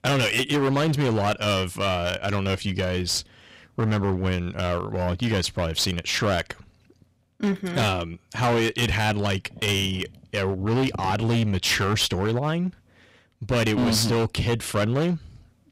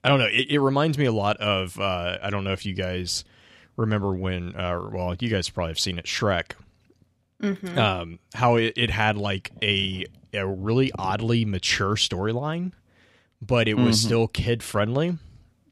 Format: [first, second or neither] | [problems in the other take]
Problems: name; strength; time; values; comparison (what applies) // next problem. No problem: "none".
second | distortion; heavy; 15% of the sound clipped